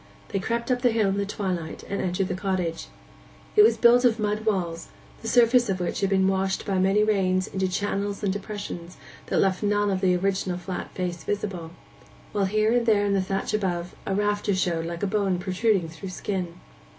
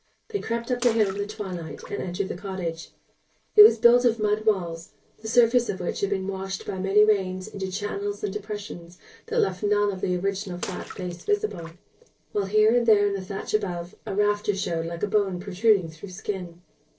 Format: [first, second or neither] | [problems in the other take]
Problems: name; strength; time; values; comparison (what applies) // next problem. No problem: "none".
first | noise reduction (neural separator model SepFormer DNS4)